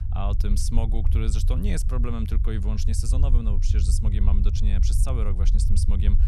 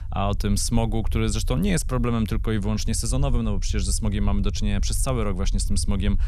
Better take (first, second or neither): second